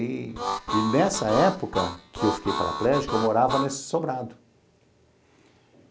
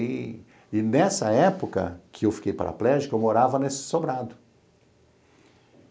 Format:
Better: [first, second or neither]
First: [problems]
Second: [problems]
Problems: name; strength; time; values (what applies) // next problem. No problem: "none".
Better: second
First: background sound (Harmonica); 4 dB below the speech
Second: none